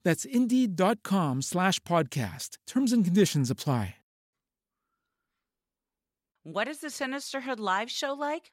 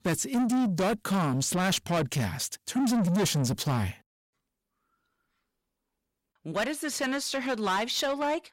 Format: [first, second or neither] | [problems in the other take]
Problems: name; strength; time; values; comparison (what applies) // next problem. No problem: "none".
first | distortion; heavy; 7 dB below the speech